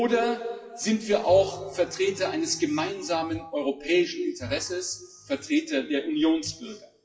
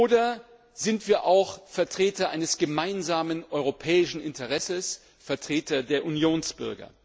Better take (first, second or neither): second